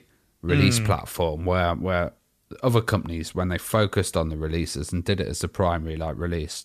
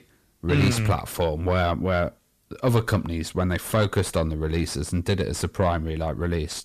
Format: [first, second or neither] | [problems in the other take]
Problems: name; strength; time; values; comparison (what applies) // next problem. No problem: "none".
first | distortion; slight; 10 dB below the speech